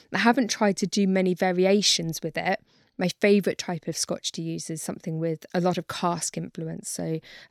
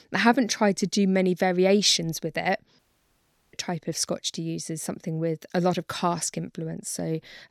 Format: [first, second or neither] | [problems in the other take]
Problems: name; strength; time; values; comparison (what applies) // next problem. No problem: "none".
first | audio cutting out; at 3 s for 0.5 s